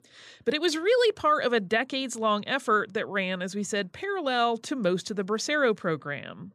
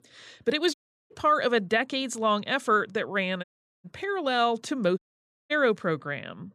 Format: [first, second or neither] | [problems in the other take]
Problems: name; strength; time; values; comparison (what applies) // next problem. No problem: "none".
first | audio cutting out; at 0.5 s, at 3.5 s and at 5 s for 0.5 s